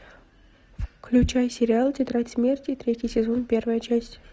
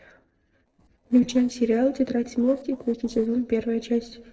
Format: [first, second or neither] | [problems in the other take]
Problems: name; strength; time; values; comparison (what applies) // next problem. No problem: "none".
first | noise reduction (neural separator model SepFormer DNS4)